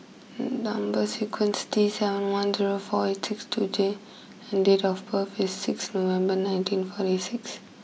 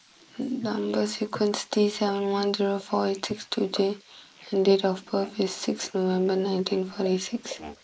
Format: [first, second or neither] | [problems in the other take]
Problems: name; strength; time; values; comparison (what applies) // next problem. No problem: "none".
first | noise reduction (neural mask model Resemble Enhance denoiser)